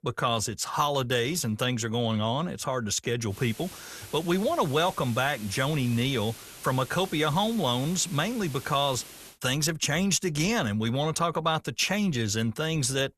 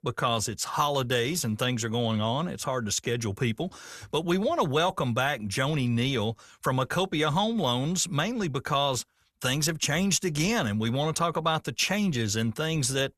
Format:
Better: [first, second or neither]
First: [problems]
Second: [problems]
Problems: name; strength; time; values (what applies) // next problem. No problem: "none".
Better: second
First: hiss; noticeable; from 3.5 to 9.5 s; 15 dB below the speech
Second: none